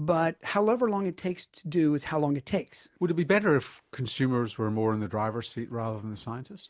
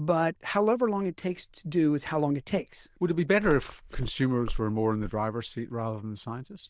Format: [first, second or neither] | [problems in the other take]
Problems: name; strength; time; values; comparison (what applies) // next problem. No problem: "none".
first | noise reduction (neural diffusion model UNIVERSE++)